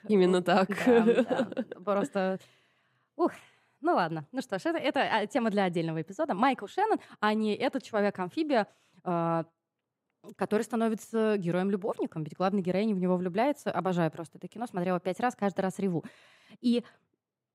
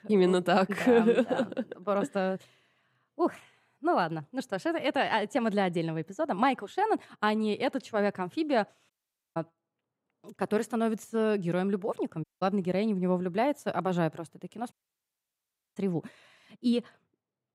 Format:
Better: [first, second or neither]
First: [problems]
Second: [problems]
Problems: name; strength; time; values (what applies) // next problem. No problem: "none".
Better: first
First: none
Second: audio cutting out; at 9 s, at 12 s and at 15 s for 1 s